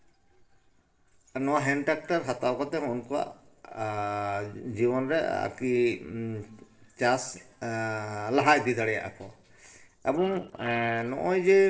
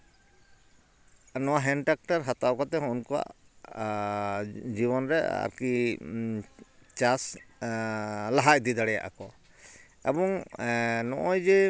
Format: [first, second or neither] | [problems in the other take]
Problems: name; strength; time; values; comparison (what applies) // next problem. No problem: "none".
second | noise reduction (neural separator model SepFormer DNS4)